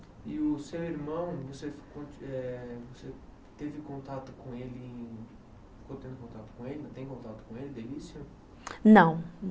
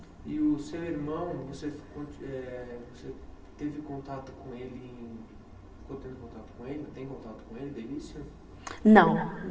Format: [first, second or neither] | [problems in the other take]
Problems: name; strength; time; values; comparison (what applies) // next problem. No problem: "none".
first | room echo; dies away in 1.9 s